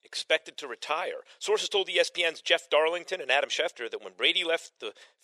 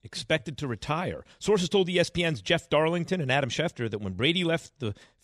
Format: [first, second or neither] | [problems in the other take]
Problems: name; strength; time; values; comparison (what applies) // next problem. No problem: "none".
second | thin; very; fading below 450 Hz